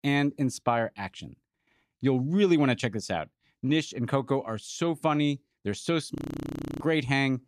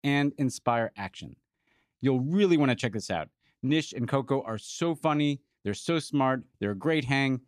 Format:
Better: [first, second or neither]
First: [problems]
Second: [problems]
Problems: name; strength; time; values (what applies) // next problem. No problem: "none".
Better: second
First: audio freezing; at 6 s for 0.5 s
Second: none